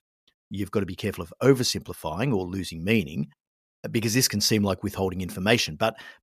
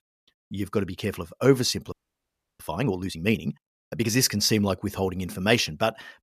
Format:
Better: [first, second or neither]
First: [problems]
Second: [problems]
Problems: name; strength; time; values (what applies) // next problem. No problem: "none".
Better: first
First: none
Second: audio freezing; at 2 s for 0.5 s